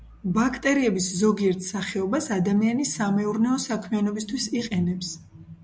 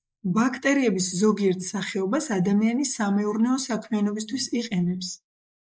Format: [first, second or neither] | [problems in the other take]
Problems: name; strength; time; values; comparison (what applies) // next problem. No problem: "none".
first | noise reduction (neural mask model Resemble Enhance denoiser)